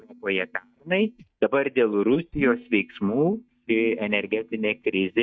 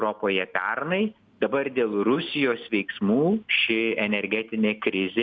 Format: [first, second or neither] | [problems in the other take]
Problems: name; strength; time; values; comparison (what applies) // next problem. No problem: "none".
second | noise reduction (neural mask model DeepFilterNet 3)